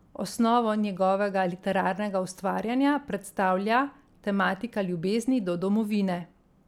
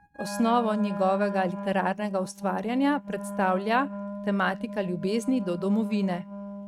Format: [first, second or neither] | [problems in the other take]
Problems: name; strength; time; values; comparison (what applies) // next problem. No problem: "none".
first | noise reduction (neural mask model RNNoise)